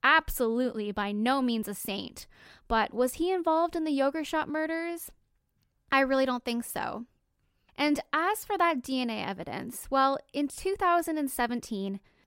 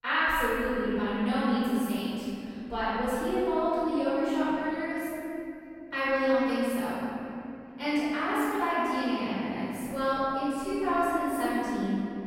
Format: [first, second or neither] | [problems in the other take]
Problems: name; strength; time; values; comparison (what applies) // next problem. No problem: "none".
first | off-mic speech; far // room echo; strong; dies away in 2.8 s